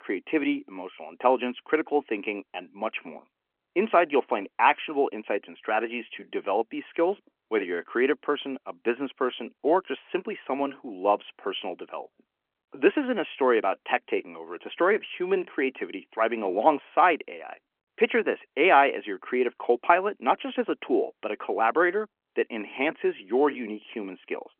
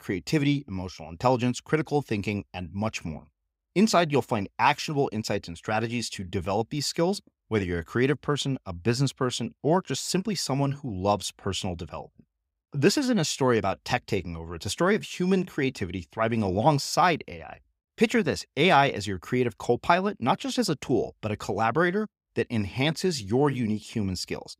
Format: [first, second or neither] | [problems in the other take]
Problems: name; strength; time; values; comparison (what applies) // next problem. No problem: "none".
second | phone-call audio